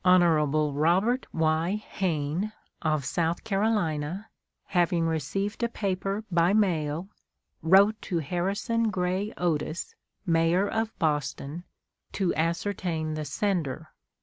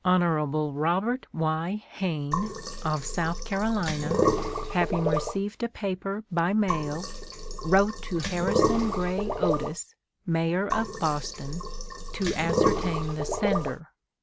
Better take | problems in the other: first | background sound (Sink (filling or washing)); 1 dB below the speech

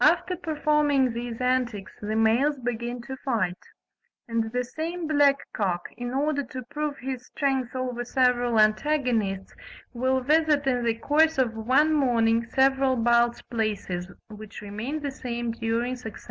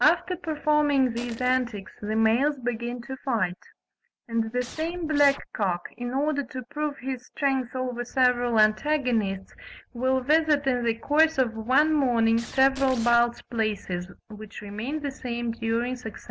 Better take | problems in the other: first | background sound (Scratching (performance technique) + Crushing); 14 dB below the speech

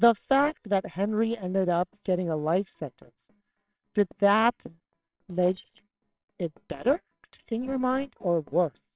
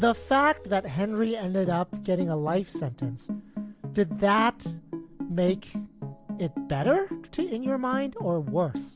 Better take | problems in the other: second | noise reduction (neural separator model SepFormer WHAMR!)

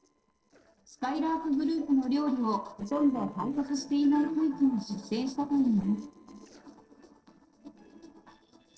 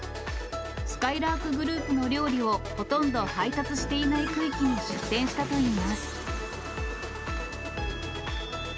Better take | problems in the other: second | noise reduction (neural separator model SepFormer DNS4)

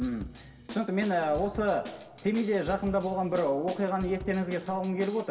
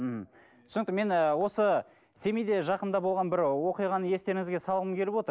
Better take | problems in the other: second | background sound (Drum kit); 15 dB below the speech // room echo; dies away in 2.2 s

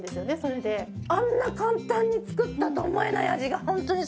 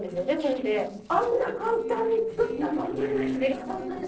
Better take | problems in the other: first | noise reduction (neural separator model SepFormer DNS4)

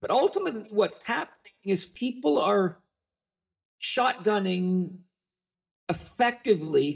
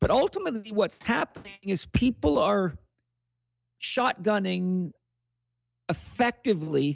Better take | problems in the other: second | noise reduction (neural mask model DeepFilterNet 3)

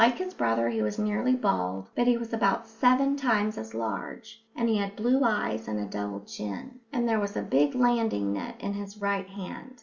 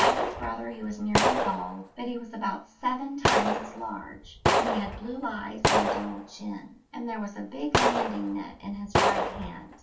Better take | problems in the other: first | background sound (Gunshot, gunfire); 4 dB above the speech // room echo; dies away in 0.2 s

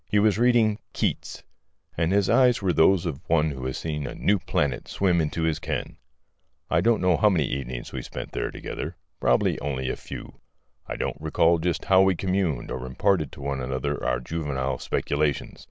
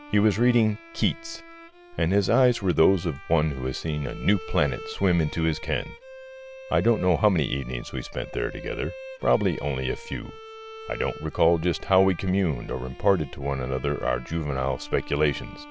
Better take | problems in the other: first | background sound (Bowed string instrument); 18 dB below the speech

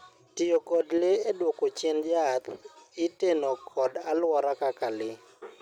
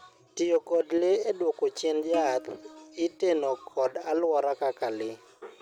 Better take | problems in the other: first | background sound (Plucked string instrument); 18 dB below the speech

